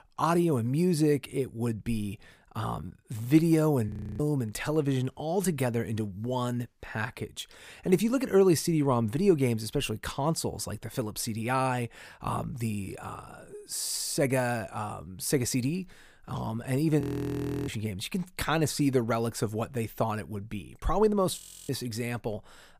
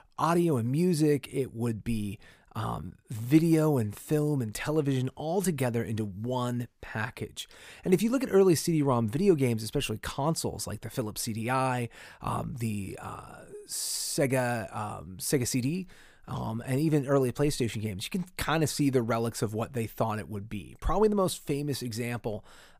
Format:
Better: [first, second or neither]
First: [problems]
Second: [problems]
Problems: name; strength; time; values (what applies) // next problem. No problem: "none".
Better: second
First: audio freezing; at 4 s, at 17 s for 0.5 s and at 21 s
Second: none